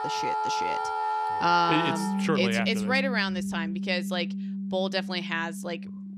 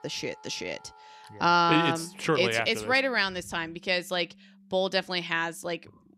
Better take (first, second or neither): second